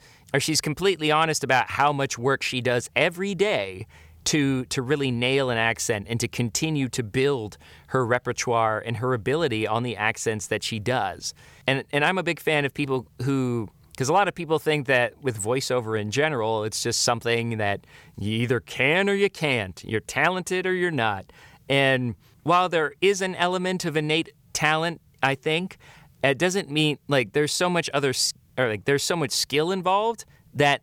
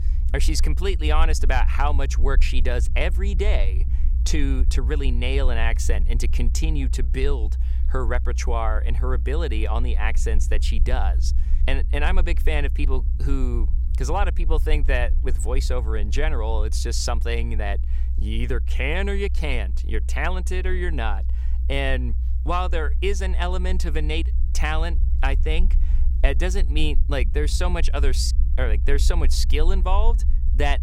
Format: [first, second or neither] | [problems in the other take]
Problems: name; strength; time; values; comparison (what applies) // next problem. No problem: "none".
first | low rumble; noticeable; throughout; 15 dB below the speech